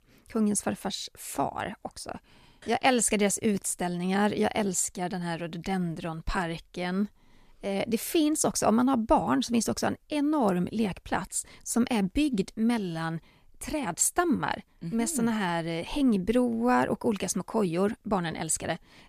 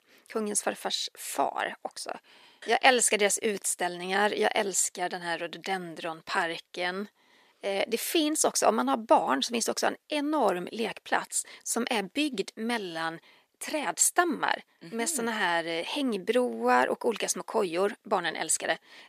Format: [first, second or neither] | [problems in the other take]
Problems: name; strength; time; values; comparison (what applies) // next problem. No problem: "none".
first | thin; somewhat; fading below 450 Hz